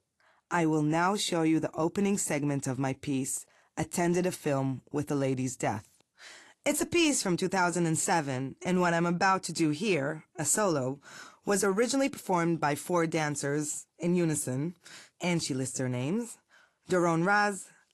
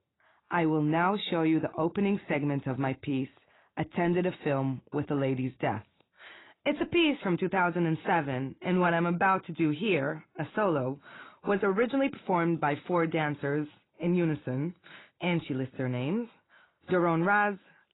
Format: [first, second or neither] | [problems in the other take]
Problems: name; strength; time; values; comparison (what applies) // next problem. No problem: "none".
first | garbled, watery; badly; nothing above 4 kHz; slightly in the first